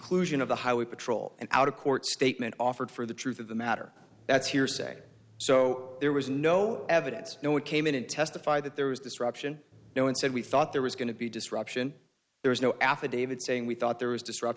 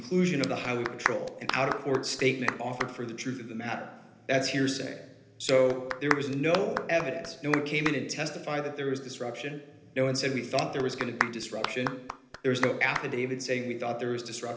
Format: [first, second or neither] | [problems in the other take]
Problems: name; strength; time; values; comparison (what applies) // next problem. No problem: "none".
first | background sound (Clapping); 7 dB below the speech // room echo; dies away in 0.8 s